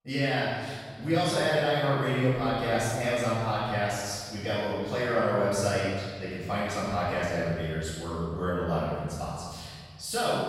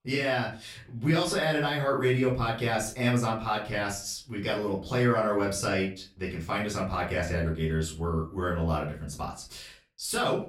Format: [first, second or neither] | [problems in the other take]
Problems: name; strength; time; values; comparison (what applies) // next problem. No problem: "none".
second | room echo; strong; dies away in 1.8 s; slight in the second // off-mic speech; far; far in the second